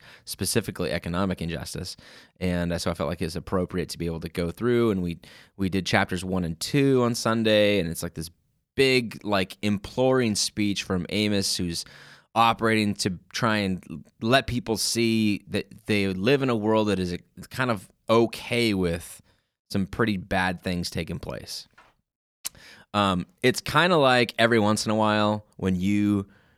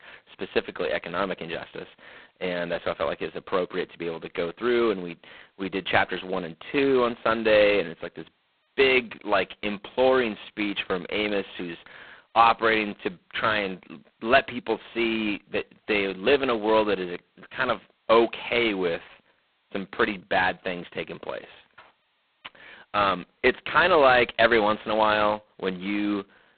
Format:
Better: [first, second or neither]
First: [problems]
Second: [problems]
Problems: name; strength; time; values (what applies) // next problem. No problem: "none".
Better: first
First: none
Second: phone-call audio; poor line; nothing above 4 kHz